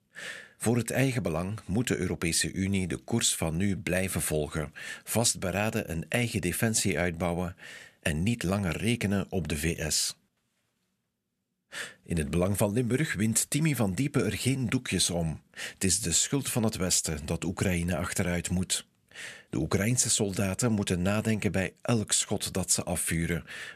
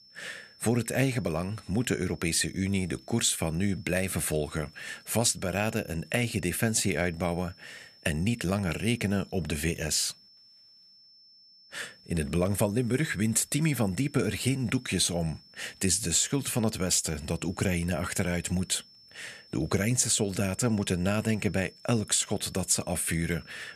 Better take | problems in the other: first | high-pitched whine; faint; throughout; 5.5 kHz, 25 dB below the speech

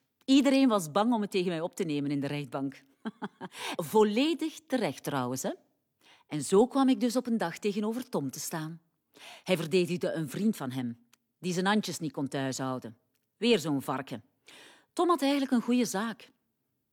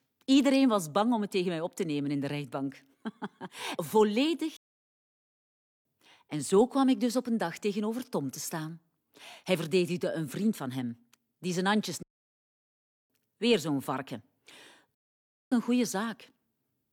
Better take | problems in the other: first | audio cutting out; at 4.5 s for 1.5 s, at 12 s for 1 s and at 15 s for 0.5 s

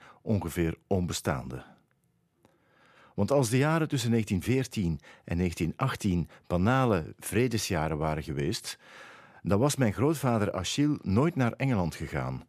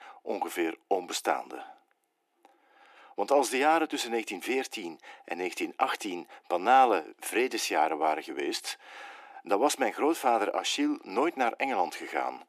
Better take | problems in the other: first | thin; very; fading below 300 Hz

